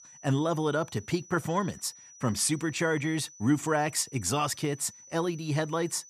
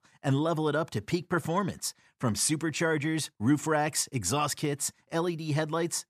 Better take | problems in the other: second | high-pitched whine; noticeable; throughout; 6 kHz, 20 dB below the speech

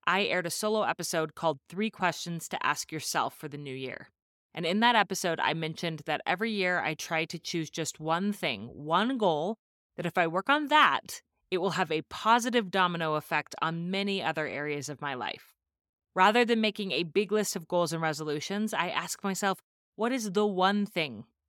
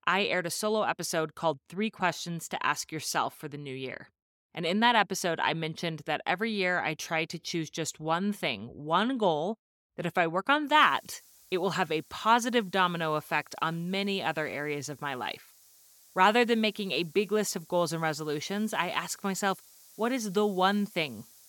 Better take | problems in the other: first | hiss; faint; from 11 s on; 25 dB below the speech

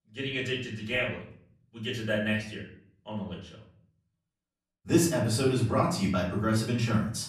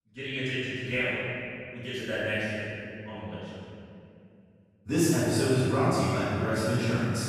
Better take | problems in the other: first | room echo; strong; dies away in 2.2 s; slight in the first // off-mic speech; far; far in the first

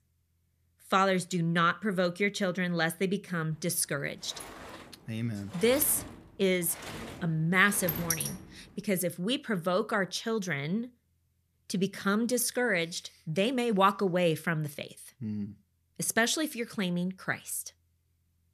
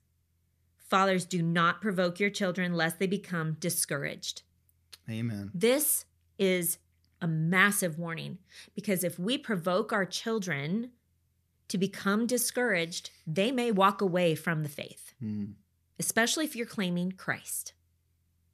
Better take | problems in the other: second | door banging; noticeable; from 4.5 to 8.5 s; peak 1 dB below the speech

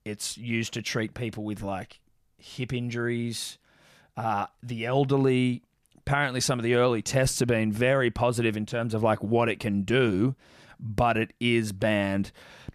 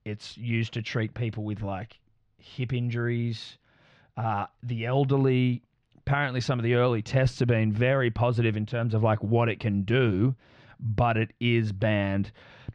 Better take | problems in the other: first | muffled; slightly; fading above 4 kHz

